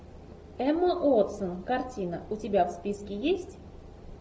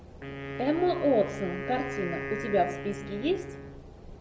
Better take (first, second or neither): first